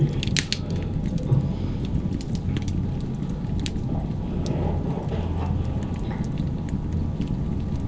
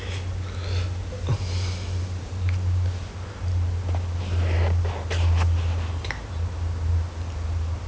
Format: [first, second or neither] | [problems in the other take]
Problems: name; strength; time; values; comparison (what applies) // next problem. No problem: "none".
second | background sound (Fire); 2 dB above the speech // room echo; dies away in 0.7 s